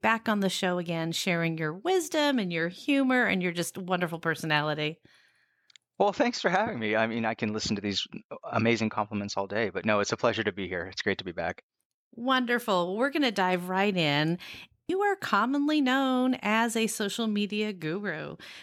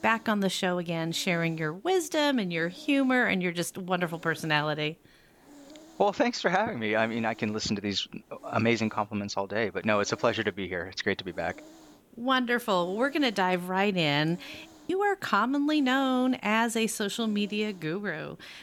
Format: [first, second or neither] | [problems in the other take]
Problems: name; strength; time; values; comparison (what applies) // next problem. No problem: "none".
first | hiss; faint; throughout; 25 dB below the speech